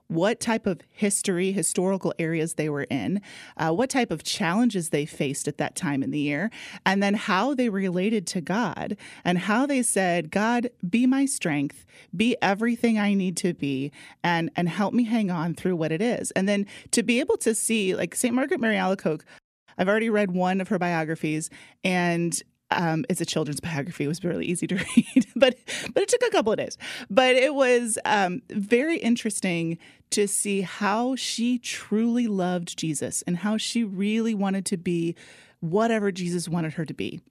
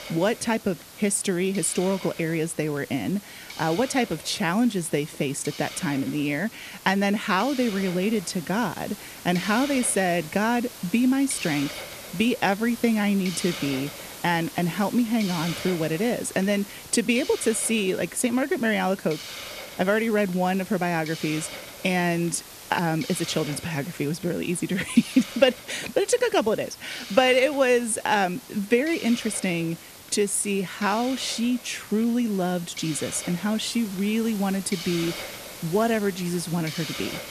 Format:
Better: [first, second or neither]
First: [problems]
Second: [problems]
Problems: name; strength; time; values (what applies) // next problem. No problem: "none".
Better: first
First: none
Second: hiss; noticeable; throughout; 15 dB below the speech